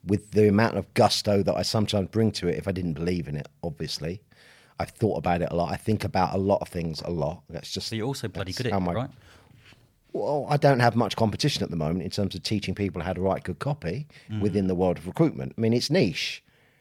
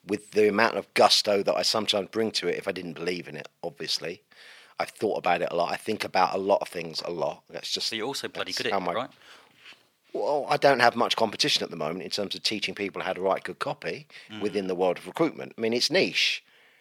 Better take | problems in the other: first | thin; somewhat; fading below 350 Hz

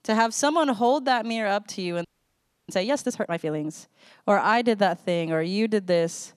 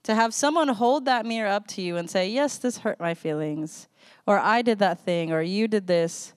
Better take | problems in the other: second | audio freezing; at 2 s for 0.5 s

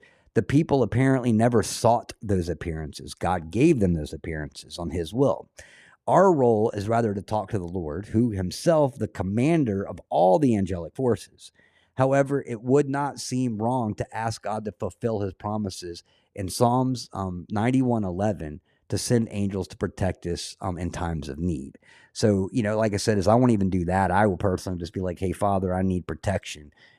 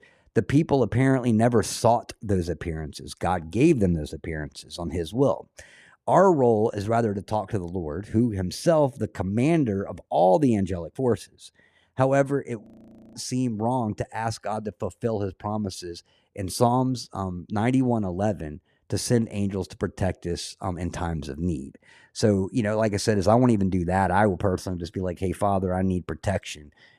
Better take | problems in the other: first | audio freezing; at 13 s for 0.5 s

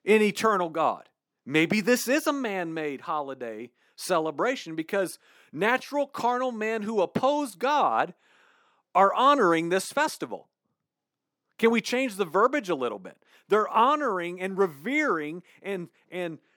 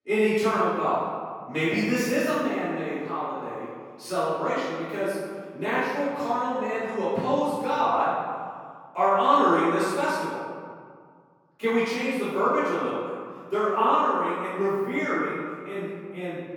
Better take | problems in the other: first | off-mic speech; far // room echo; strong; dies away in 1.9 s

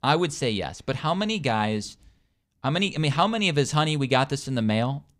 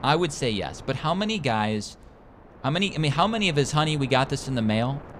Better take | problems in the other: first | wind noise on the microphone; occasional gusts; 20 dB below the speech

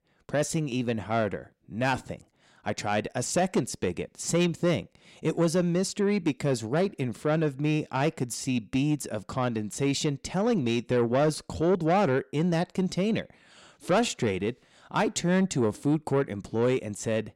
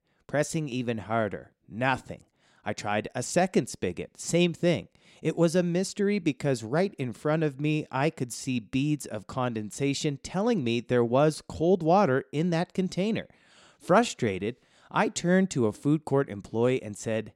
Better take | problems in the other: second | distortion; slight; 10 dB below the speech

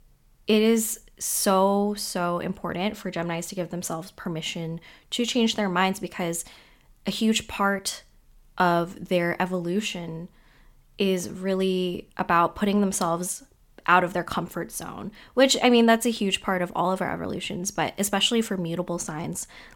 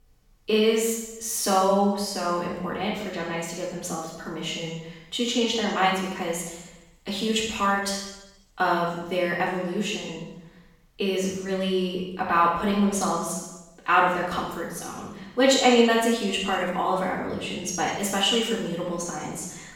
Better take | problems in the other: first | room echo; strong; dies away in 0.8 s // off-mic speech; far

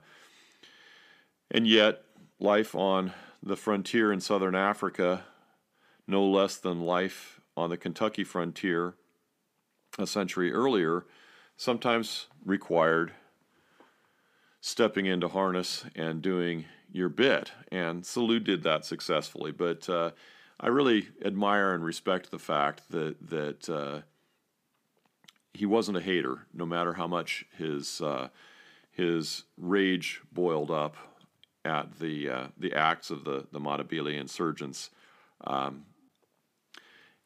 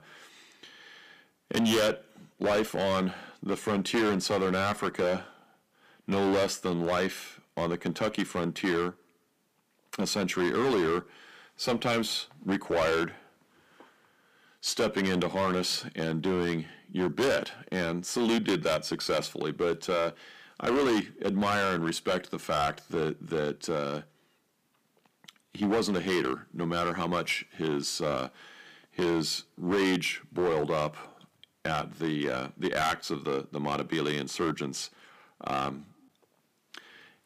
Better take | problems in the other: first | distortion; heavy; 8% of the sound clipped

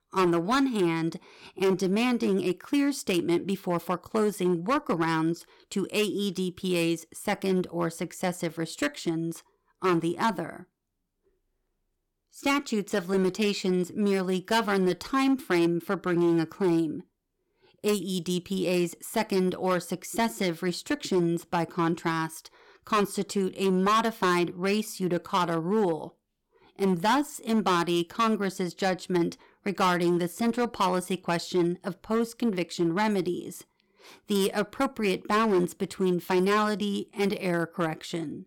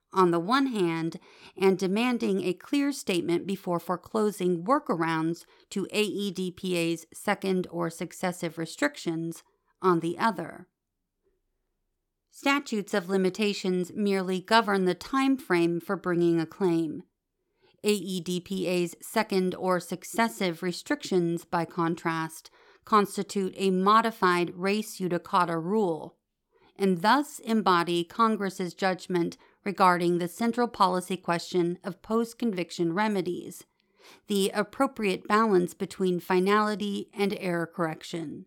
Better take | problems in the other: second | distortion; slight; 6% of the sound clipped

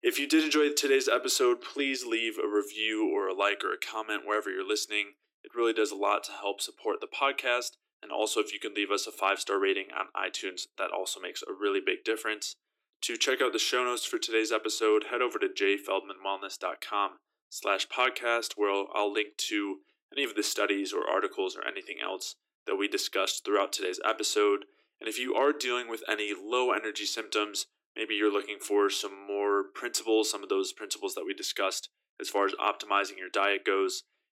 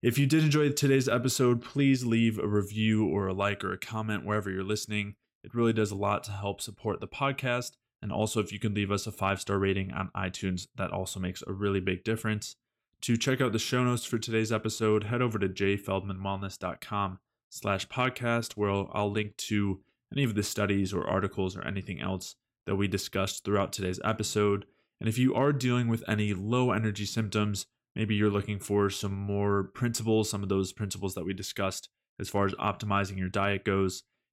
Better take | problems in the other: second | thin; very; fading below 300 Hz

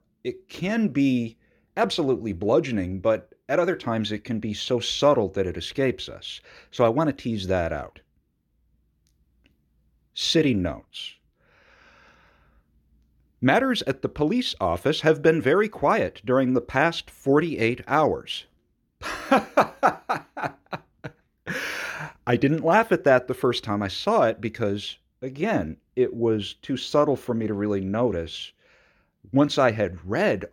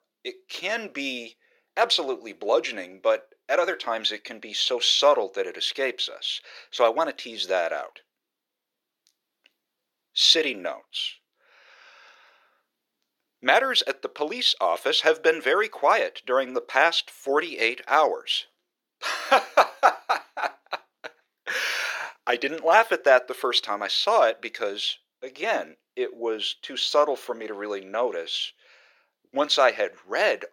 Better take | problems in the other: first | thin; very; fading below 500 Hz

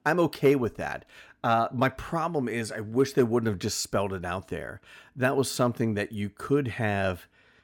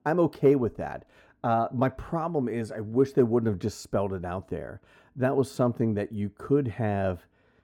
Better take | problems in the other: first | muffled; slightly; fading above 1.5 kHz

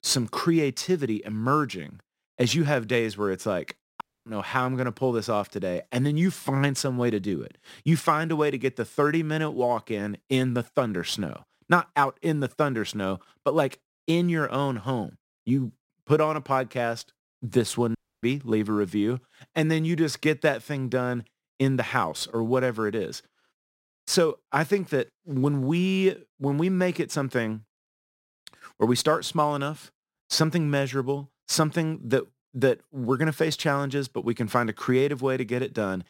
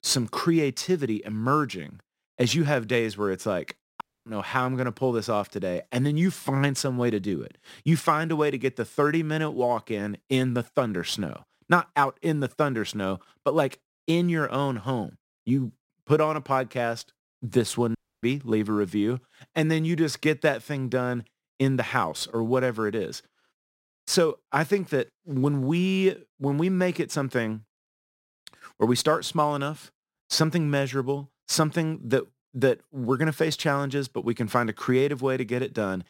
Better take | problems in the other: neither | audio cutting out; at 4 s and at 18 s; the same in both

